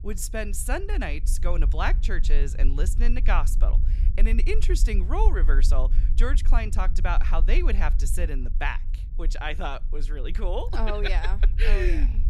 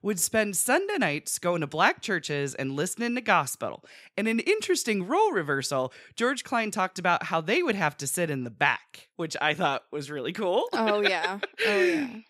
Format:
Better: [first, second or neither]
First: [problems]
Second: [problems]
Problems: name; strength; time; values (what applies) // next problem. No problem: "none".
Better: second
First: low rumble; noticeable; throughout; 15 dB below the speech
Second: none